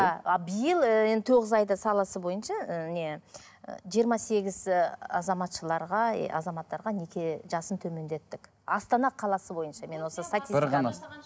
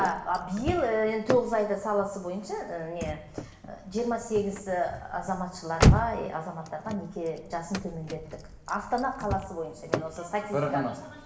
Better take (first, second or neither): first